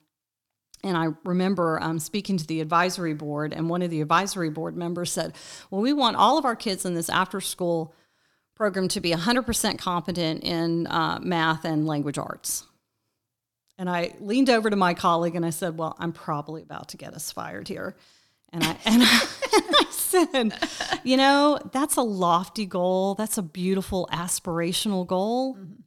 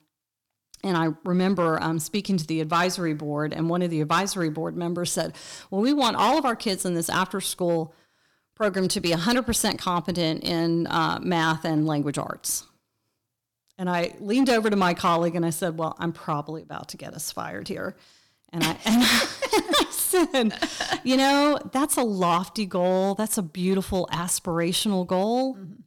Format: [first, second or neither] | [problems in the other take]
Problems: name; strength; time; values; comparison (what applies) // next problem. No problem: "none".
first | distortion; slight; 4% of the sound clipped